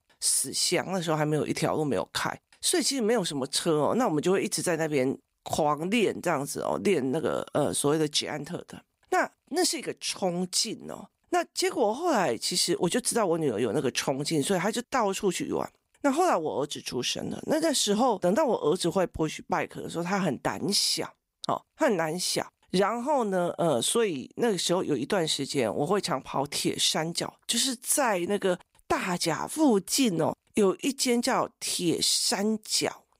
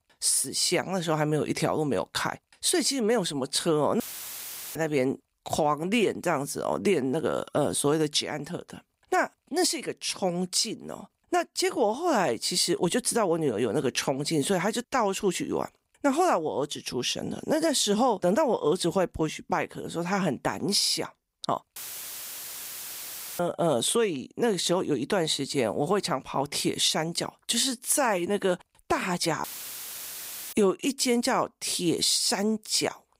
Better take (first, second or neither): first